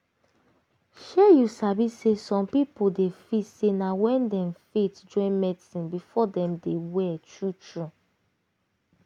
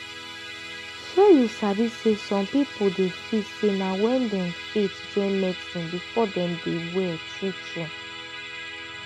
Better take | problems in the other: first | background sound (Musical instrument); 11 dB below the speech

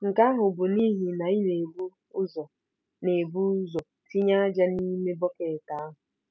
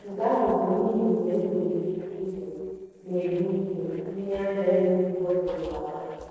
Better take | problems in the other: first | noise reduction (neural separator model SepFormer DNS4)

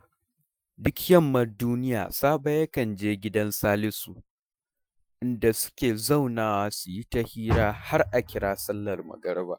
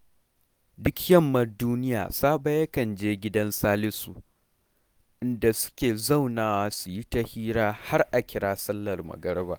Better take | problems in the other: second | noise reduction (classical method Wiener filter)

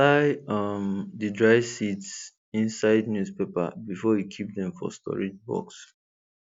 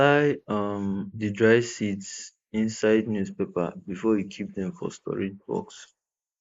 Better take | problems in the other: first | noise reduction (neural mask model Resemble Enhance denoiser)

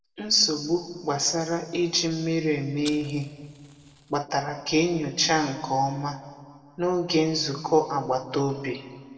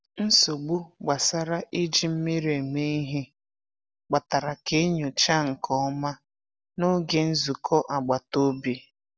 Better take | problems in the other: second | background sound (Fire); 18 dB below the speech // room echo; dies away in 1.5 s

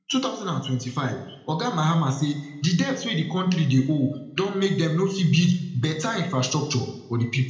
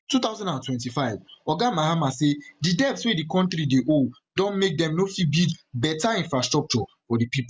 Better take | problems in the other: second | room echo; dies away in 0.7 s

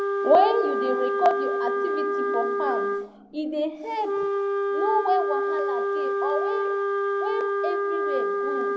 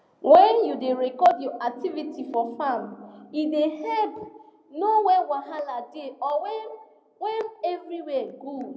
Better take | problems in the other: second | background sound (Wind instrument, woodwind instrument); 2 dB above the speech

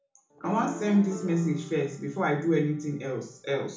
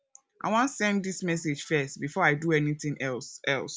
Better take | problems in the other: second | background sound (Piano); 13 dB below the speech // room echo; dies away in 0.7 s

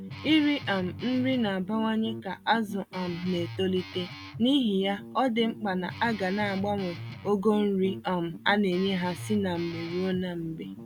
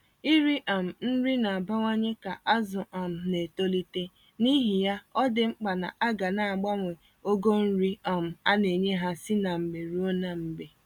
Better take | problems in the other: second | background sound (Guitar); 13 dB below the speech

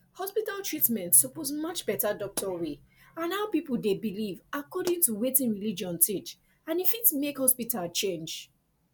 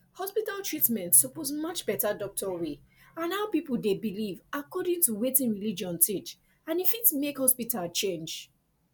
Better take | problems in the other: second | background sound (Explosion); 20 dB below the speech

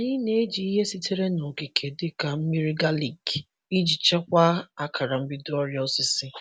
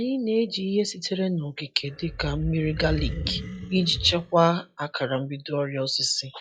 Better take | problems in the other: first | noise reduction (classical method log-MMSE)

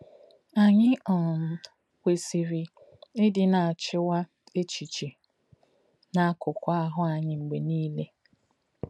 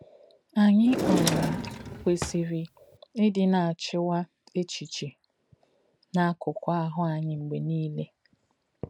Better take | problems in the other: first | background sound (Drawer open or close); 2 dB below the speech

